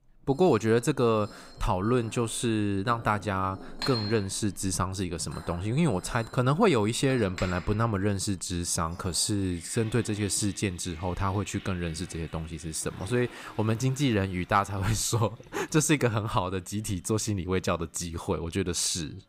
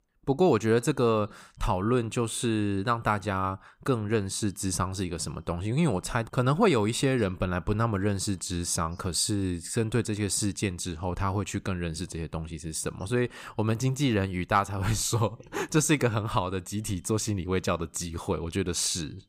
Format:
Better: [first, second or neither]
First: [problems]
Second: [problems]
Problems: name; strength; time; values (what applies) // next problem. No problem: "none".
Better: second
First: household noises; noticeable; throughout; 15 dB below the speech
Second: none